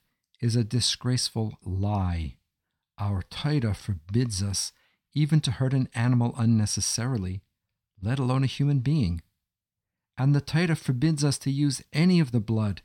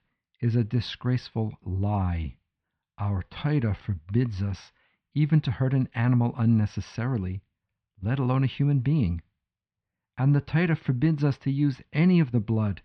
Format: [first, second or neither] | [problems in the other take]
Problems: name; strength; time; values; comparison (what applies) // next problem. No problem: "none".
first | muffled; very; fading above 3 kHz